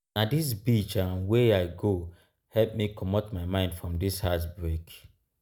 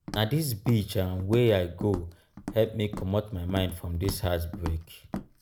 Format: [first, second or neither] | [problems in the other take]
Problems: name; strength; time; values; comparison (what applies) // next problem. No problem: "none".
first | background sound (Walk, footsteps); 13 dB below the speech